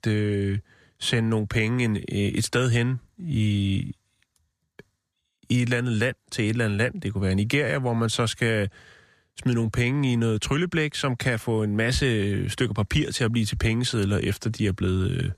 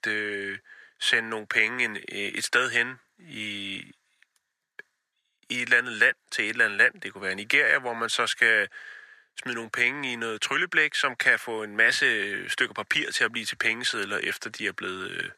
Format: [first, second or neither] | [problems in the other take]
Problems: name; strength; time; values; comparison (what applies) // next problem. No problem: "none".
first | thin; very; fading below 450 Hz